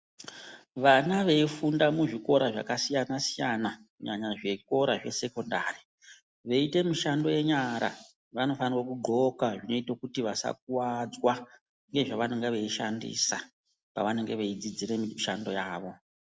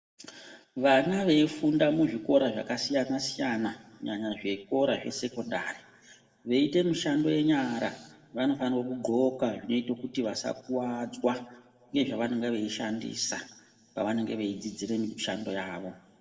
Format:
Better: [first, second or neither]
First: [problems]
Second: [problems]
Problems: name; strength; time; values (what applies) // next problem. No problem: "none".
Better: first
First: none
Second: room echo; dies away in 1.2 s